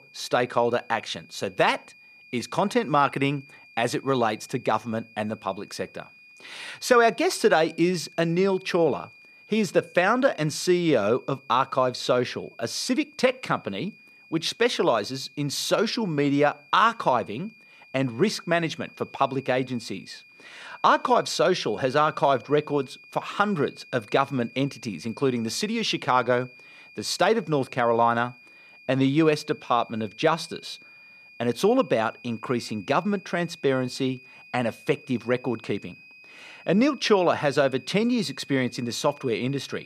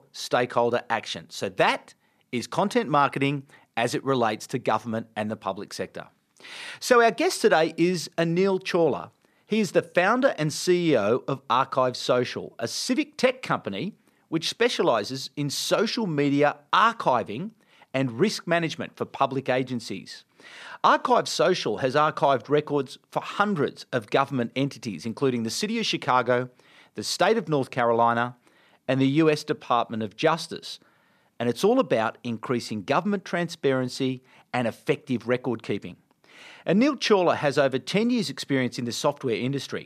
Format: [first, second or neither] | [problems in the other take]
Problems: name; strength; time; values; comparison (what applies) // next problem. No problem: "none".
second | high-pitched whine; faint; throughout; 2.5 kHz, 25 dB below the speech